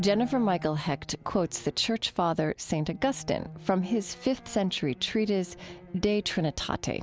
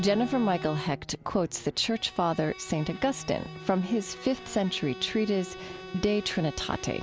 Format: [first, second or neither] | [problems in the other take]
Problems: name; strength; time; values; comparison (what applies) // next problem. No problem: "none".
first | background sound (Bowed string instrument); 15 dB below the speech